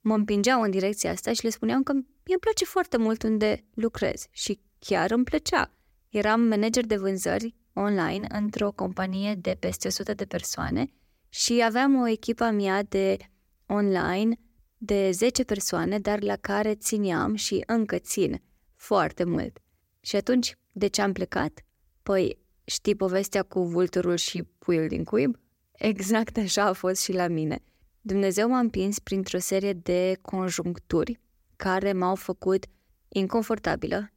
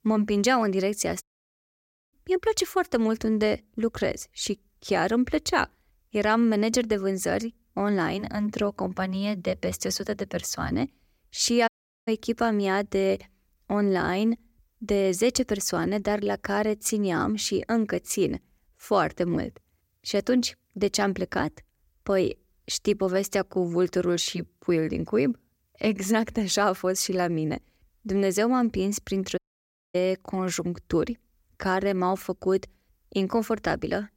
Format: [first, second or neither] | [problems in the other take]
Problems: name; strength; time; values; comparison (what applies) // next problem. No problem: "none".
first | audio cutting out; at 1 s for 1 s, at 12 s and at 29 s for 0.5 s